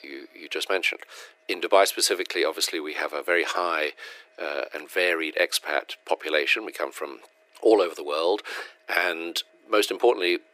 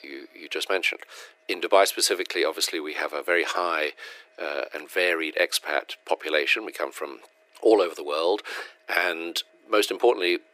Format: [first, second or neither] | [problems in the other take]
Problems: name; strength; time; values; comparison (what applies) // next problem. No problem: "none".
neither | thin; very; fading below 350 Hz; the same in both